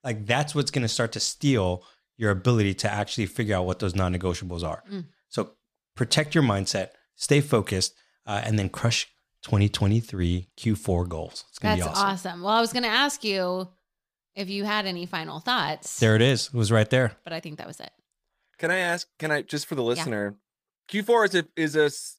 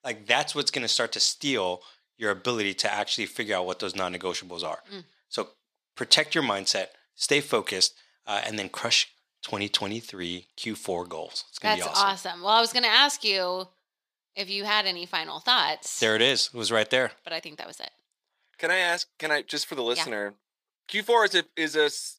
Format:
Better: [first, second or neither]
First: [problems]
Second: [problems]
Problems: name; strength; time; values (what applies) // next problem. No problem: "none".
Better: first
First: none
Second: thin; somewhat; fading below 350 Hz